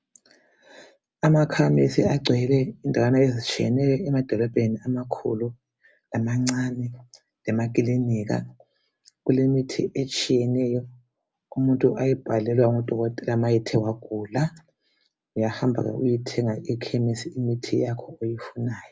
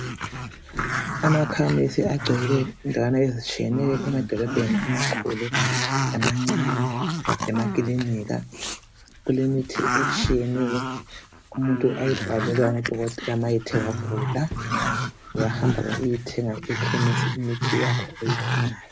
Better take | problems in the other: first | background sound (Growling); 2 dB below the speech

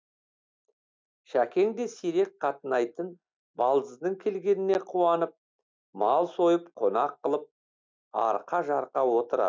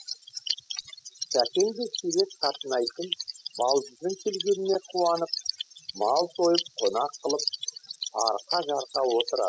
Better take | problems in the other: first | noise reduction (classical method spectral subtraction)

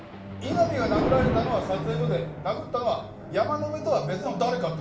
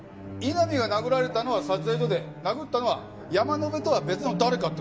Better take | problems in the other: second | background sound (Thunder); 5 dB below the speech // room echo; dies away in 0.4 s

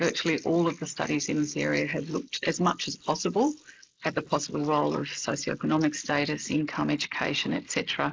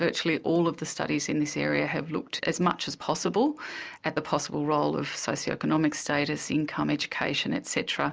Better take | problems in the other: second | noise reduction (neural mask model Resemble Enhance denoiser)

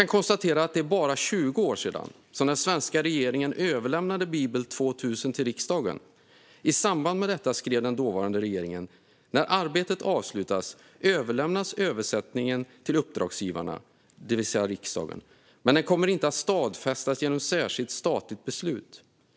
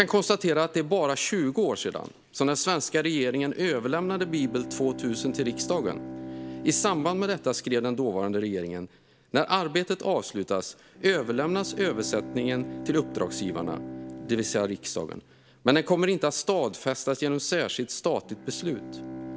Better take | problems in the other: first | background sound (Bowed string instrument); 14 dB below the speech

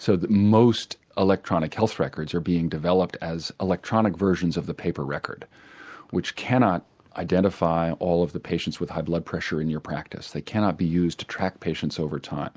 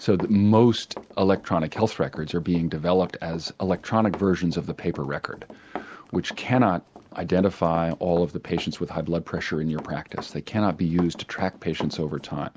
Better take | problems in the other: first | background sound (Run); 17 dB below the speech

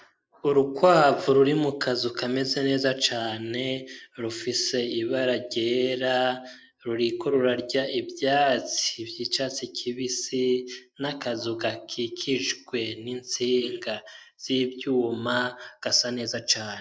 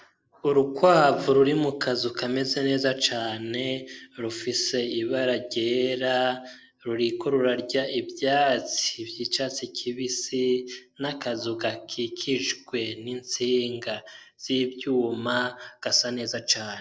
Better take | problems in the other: second | noise reduction (neural mask model Resemble Enhance denoiser)

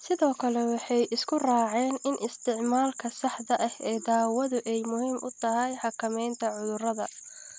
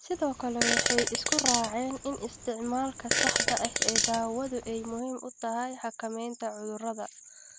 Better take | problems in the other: first | background sound (Fart); 2 dB above the speech

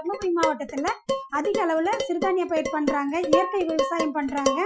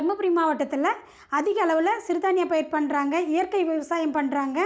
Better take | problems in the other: second | noise reduction (classical method Wiener filter)

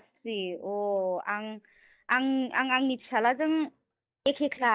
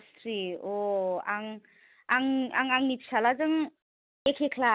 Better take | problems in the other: second | noise reduction (neural mask model DeepFilterNet 3)

